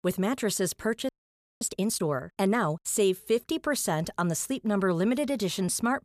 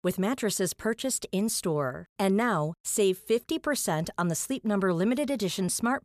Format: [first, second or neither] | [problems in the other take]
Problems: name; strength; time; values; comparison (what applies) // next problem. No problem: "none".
second | audio freezing; at 1 s for 0.5 s